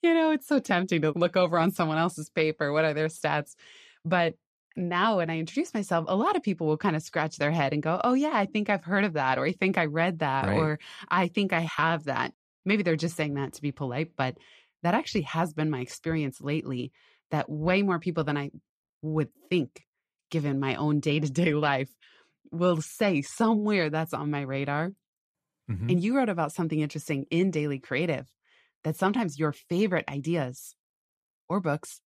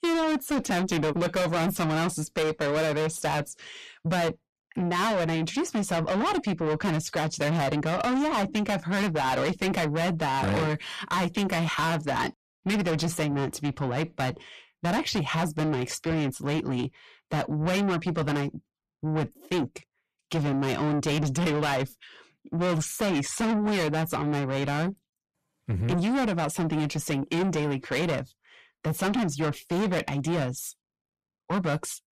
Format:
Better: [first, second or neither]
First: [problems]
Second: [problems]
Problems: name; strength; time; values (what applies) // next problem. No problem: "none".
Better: first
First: none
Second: distortion; heavy; 5 dB below the speech